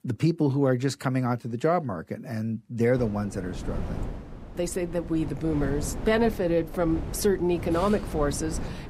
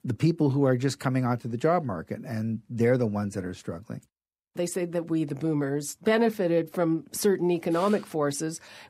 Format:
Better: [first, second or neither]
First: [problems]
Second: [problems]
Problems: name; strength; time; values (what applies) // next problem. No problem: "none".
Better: second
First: wind noise on the microphone; occasional gusts; from 3 s on; 15 dB below the speech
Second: none